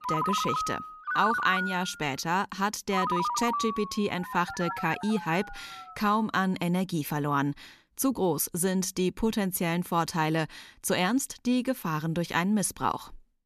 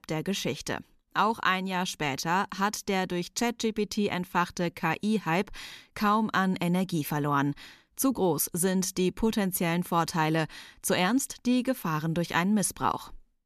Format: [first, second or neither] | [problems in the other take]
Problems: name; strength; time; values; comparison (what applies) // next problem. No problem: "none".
second | phone ringing; loud; until 6 s; peak level with the speech